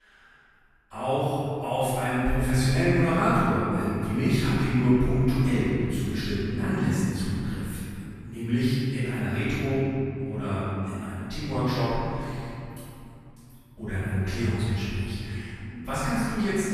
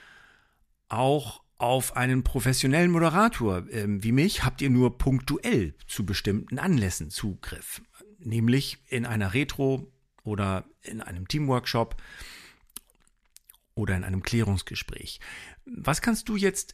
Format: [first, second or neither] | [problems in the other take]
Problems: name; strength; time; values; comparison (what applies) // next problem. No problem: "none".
second | off-mic speech; far // room echo; strong; dies away in 2.9 s